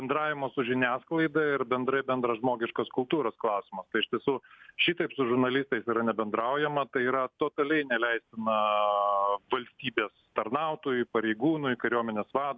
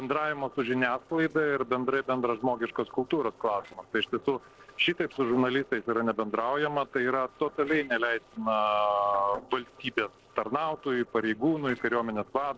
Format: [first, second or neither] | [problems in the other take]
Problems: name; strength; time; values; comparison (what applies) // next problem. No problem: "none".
first | noise reduction (neural separator model SepFormer DNS4)